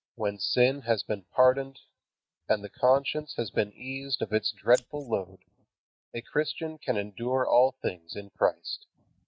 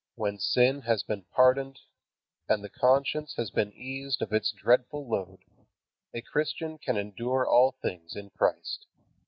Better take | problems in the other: second | noise reduction (neural mask model RNNoise)

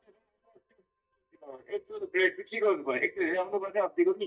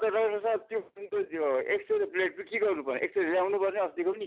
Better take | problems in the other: second | noise reduction (neural mask model DeepFilterNet 3)

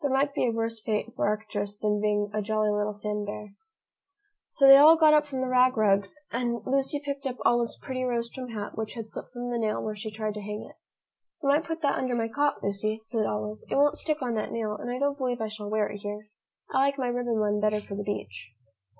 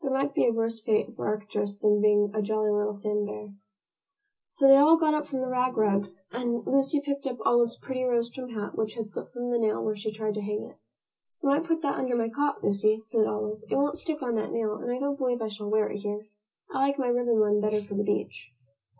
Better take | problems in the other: first | room echo; dies away in 0.2 s

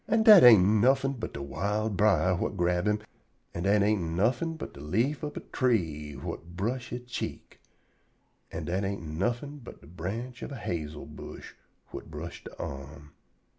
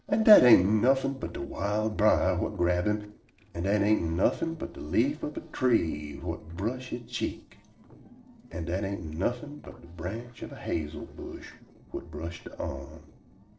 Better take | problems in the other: first | noise reduction (neural separator model SepFormer DNS4)

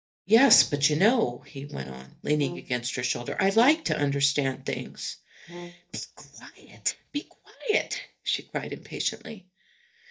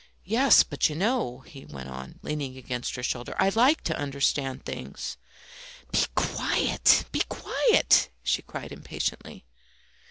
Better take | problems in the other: second | noise reduction (neural mask model DeepFilterNet 3)

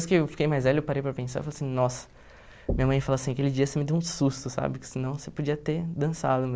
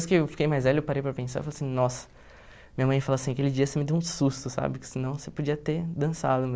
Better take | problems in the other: second | background sound (Knock); 11 dB below the speech

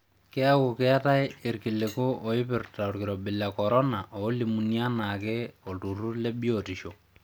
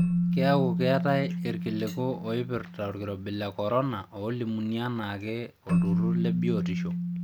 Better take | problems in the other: first | background sound (Keyboard (musical)); as loud as the speech

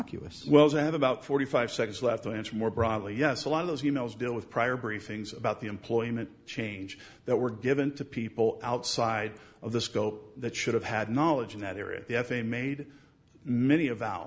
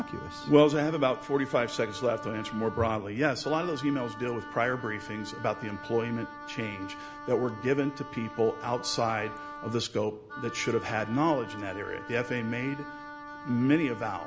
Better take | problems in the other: first | background sound (Wind instrument, woodwind instrument); 13 dB below the speech

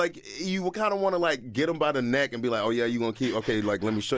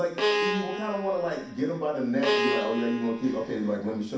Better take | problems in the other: first | background sound (Bowed string instrument); 2 dB below the speech // room echo; dies away in 0.6 s

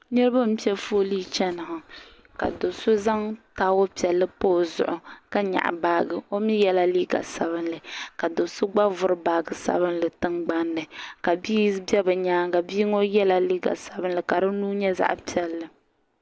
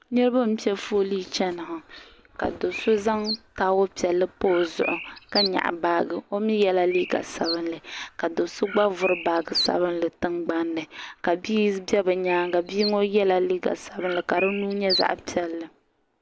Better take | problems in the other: first | background sound (Bird); 10 dB below the speech

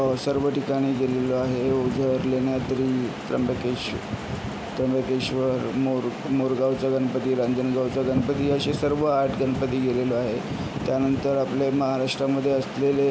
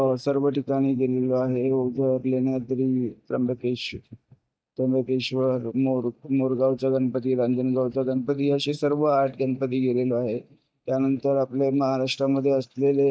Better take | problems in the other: first | noise reduction (neural mask model DeepFilterNet 3)

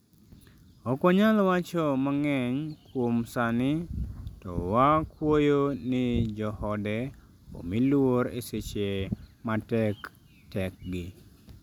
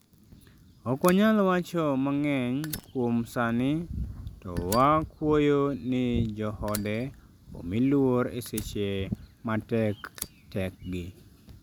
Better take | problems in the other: first | background sound (Fire); 20 dB below the speech

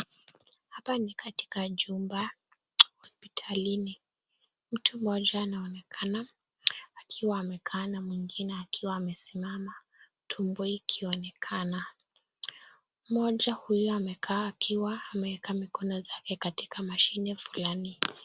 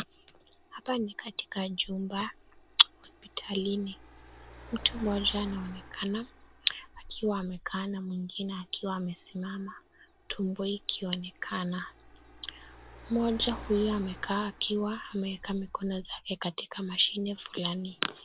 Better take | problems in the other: first | background sound (Car); 16 dB below the speech

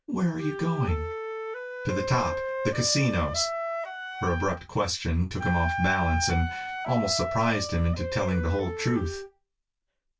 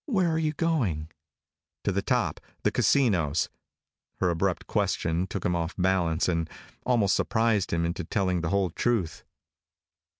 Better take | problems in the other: second | background sound (Wind instrument, woodwind instrument); 5 dB below the speech // room echo; dies away in 0.1 s

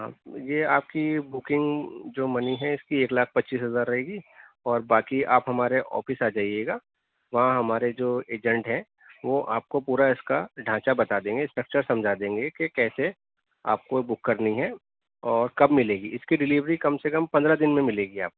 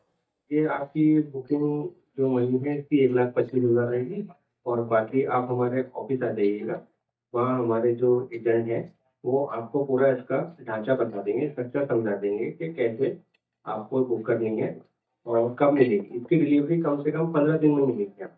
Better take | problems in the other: first | noise reduction (neural mask model DeepFilterNet 3)

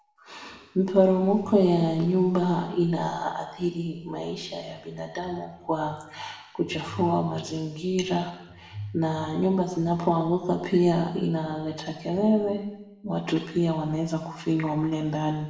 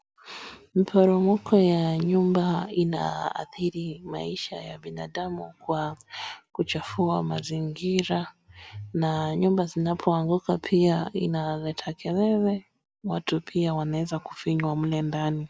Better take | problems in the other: second | room echo; dies away in 0.9 s

